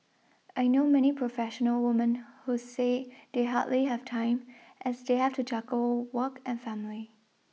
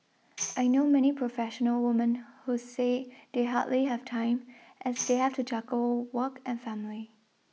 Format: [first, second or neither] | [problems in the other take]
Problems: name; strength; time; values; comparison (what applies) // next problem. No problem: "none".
first | background sound (Tambourine); 13 dB below the speech